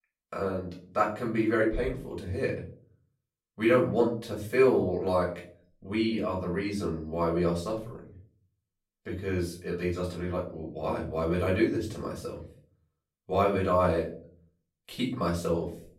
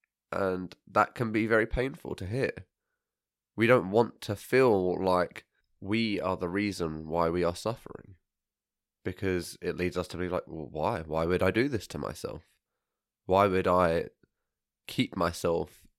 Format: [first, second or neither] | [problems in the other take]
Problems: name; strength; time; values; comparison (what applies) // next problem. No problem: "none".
second | off-mic speech; far // room echo; slight; dies away in 0.4 s